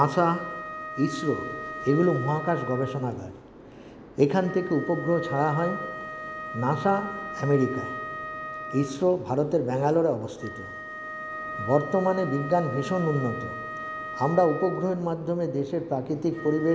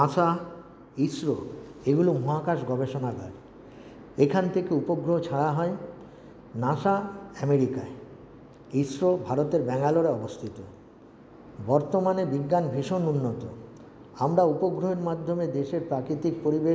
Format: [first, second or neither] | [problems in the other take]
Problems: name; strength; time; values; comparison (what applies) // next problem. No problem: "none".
second | background sound (Wind instrument, woodwind instrument); 11 dB below the speech